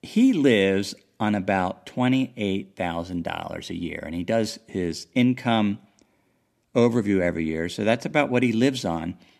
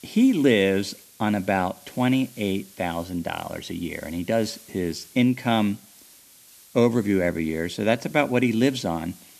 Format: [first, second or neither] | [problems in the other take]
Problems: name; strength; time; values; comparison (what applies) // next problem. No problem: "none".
first | hiss; faint; throughout; 25 dB below the speech